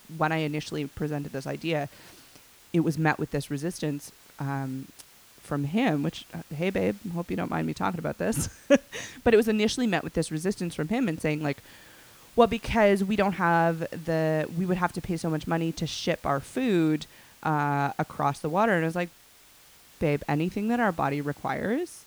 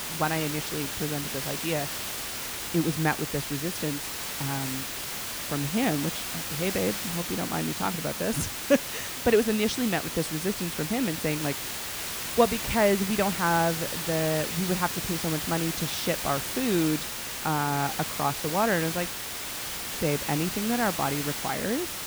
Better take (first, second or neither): first